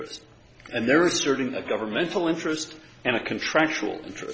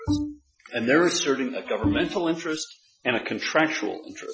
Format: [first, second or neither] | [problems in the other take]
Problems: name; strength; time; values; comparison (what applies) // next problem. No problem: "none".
first | noise reduction (classical method Wiener filter)